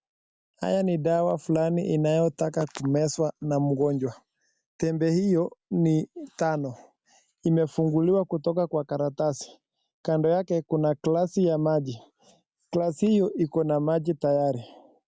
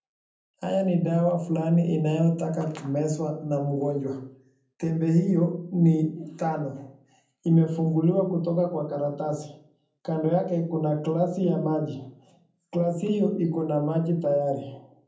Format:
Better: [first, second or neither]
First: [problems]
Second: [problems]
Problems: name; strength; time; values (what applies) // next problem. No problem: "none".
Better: first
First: none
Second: room echo; dies away in 0.6 s